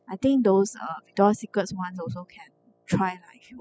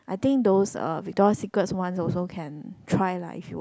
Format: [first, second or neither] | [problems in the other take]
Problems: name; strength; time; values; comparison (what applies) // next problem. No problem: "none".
second | noise reduction (classical method spectral subtraction)